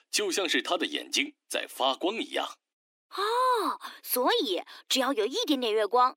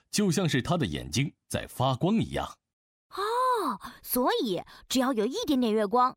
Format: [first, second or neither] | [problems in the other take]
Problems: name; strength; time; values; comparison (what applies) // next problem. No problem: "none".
second | thin; somewhat; fading below 300 Hz